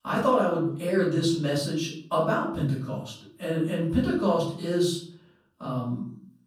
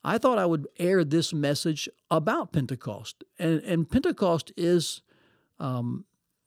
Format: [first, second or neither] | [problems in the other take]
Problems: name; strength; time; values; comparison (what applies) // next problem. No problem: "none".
second | off-mic speech; far // room echo; noticeable; dies away in 0.5 s